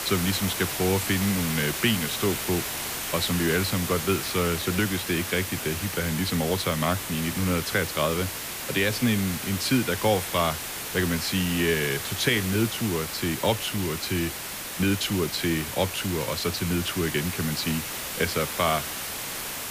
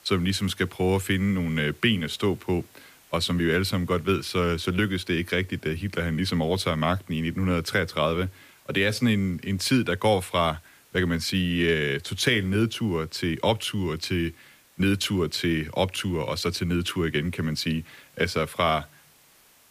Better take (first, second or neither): second